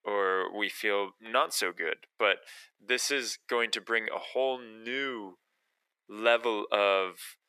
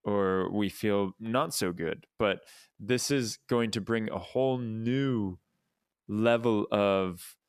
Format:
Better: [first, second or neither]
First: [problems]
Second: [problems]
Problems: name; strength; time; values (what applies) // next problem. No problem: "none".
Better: second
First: thin; very; fading below 400 Hz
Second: none